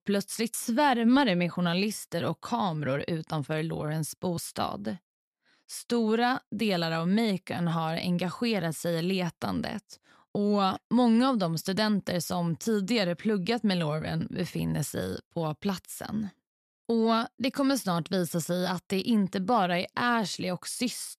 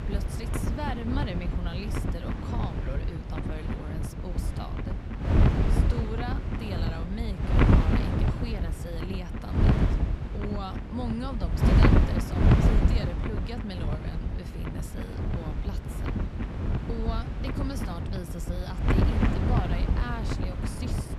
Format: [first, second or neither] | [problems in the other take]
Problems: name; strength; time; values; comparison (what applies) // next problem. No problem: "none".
first | wind noise on the microphone; heavy; 4 dB above the speech